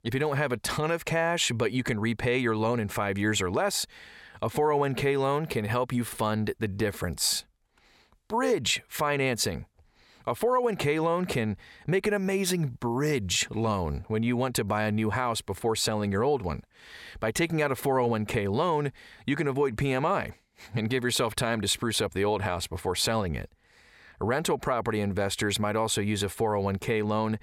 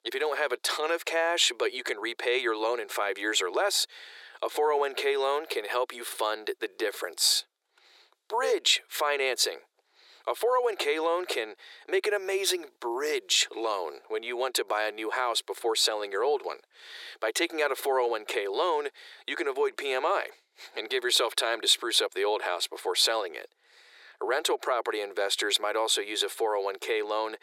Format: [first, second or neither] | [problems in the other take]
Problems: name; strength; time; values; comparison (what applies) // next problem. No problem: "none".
first | thin; very; fading below 350 Hz